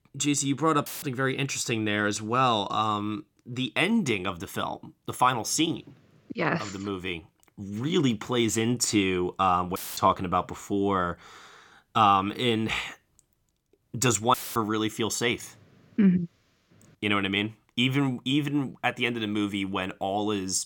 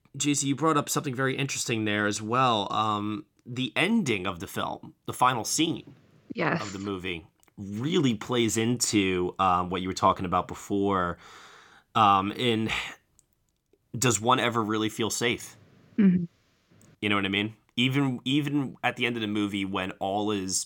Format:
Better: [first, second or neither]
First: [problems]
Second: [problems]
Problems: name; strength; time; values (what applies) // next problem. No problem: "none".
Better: second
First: audio cutting out; filled with static; at 1 s, at 10 s and at 14 s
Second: none